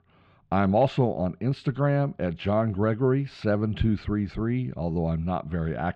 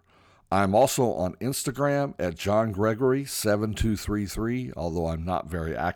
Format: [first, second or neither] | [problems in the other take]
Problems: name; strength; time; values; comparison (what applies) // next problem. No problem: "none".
second | muffled; slightly; fading above 3.5 kHz